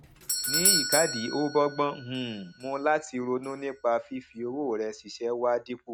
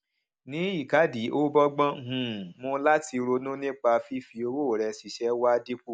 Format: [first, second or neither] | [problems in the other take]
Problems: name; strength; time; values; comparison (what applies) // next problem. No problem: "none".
second | background sound (Doorbell); 4 dB below the speech